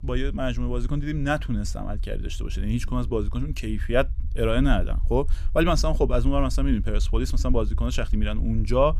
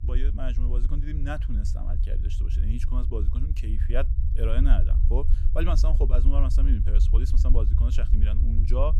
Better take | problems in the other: first | low rumble; loud; throughout; 8 dB below the speech; faint in the first

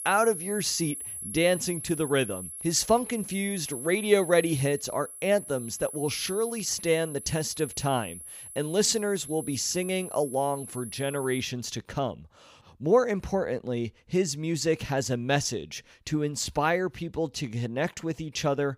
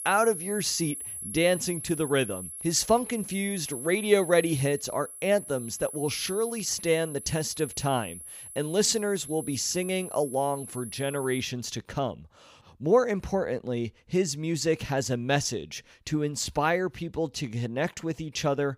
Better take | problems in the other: neither | high-pitched whine; loud; until 11 s; 11 kHz, 9 dB below the speech; the same in both

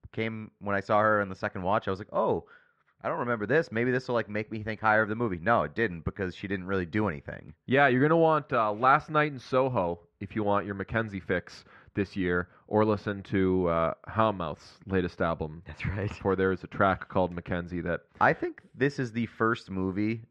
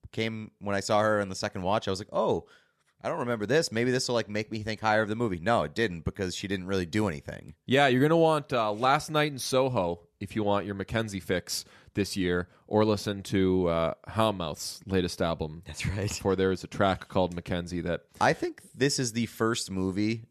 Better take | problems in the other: second | muffled; very; fading above 2 kHz

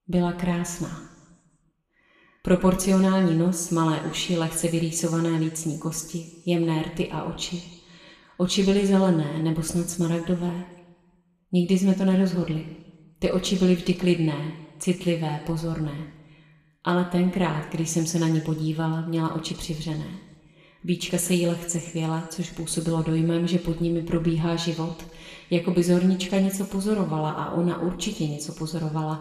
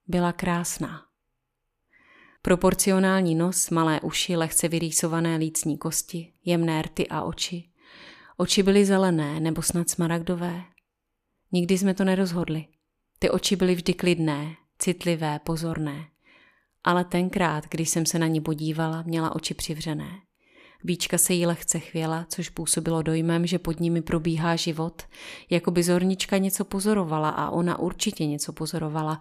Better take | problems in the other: second | room echo; slight; dies away in 1.2 s // off-mic speech; somewhat distant

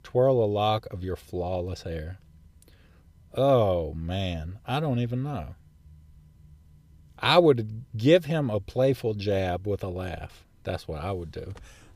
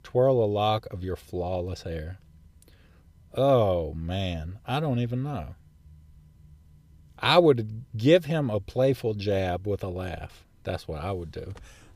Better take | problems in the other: neither | none

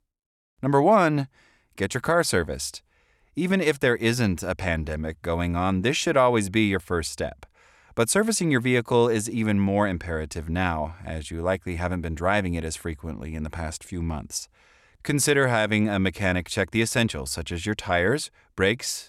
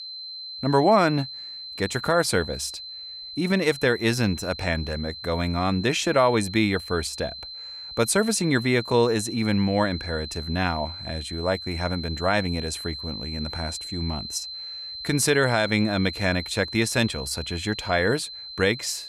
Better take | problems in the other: first | high-pitched whine; loud; throughout; 4 kHz, 10 dB below the speech

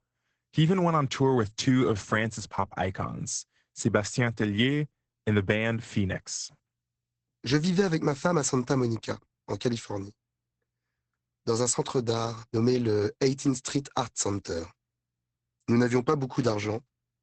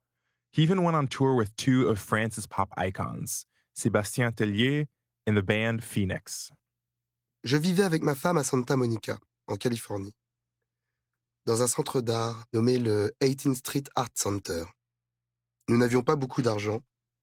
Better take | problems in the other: second | garbled, watery; badly; nothing above 8 kHz; slightly in the second

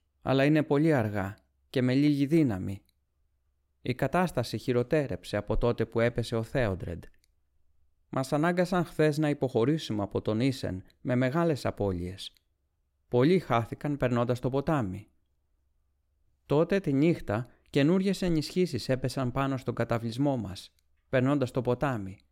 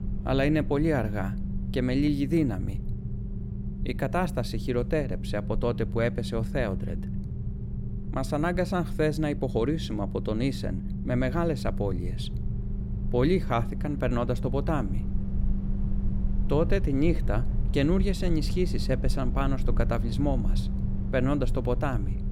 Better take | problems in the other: first | low rumble; noticeable; throughout; 15 dB below the speech

